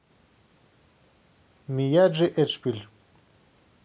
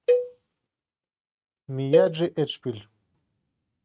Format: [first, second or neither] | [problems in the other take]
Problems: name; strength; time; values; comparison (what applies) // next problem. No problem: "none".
first | noise reduction (neural mask model RNNoise)